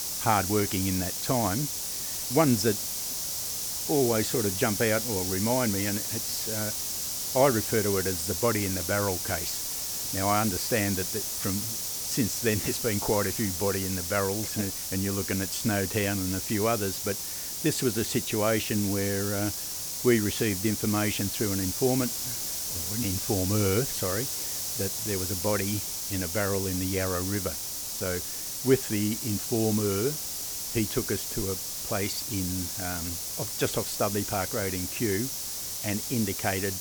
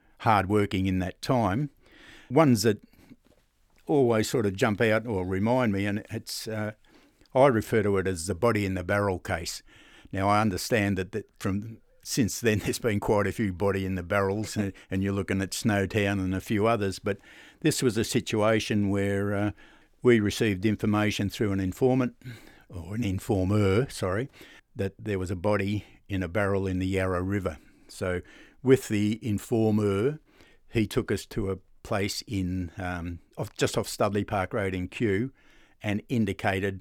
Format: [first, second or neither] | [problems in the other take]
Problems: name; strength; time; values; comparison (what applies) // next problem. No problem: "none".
second | hiss; loud; throughout; 1 dB below the speech